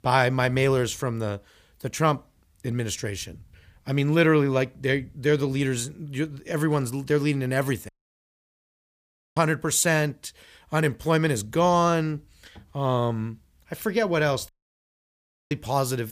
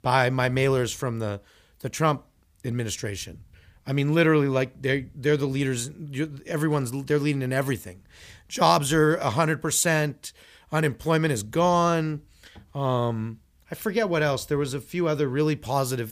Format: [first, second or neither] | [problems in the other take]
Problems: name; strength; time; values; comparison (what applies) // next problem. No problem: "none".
second | audio cutting out; at 8 s for 1.5 s and at 14 s for 1 s